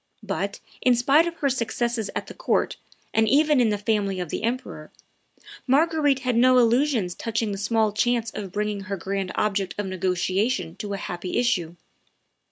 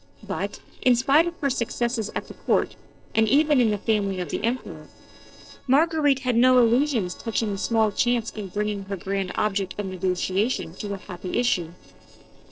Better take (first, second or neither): first